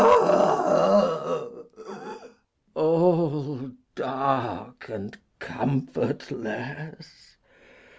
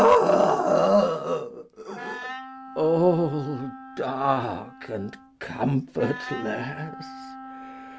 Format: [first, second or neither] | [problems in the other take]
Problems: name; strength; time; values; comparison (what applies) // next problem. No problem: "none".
first | background sound (Wind instrument, woodwind instrument); 16 dB below the speech